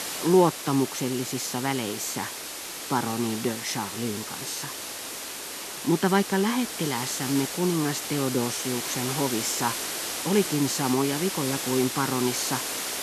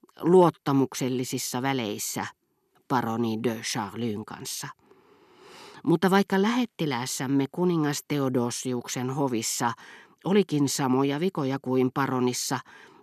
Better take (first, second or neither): second